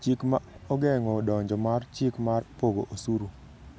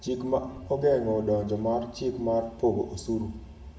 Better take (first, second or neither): first